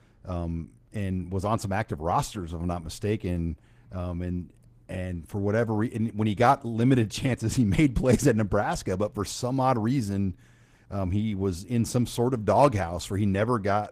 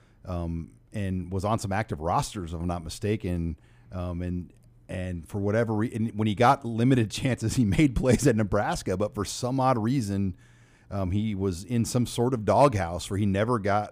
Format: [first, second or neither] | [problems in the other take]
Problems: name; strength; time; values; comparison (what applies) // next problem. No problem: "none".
second | garbled, watery; slightly; nothing above 15 kHz